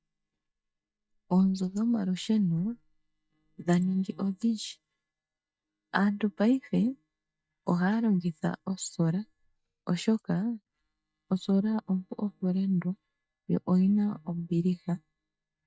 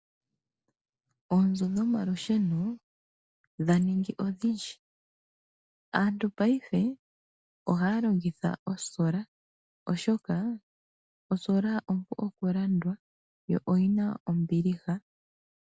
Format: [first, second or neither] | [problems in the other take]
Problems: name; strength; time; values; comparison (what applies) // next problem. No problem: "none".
second | noise reduction (neural mask model DeepFilterNet 3)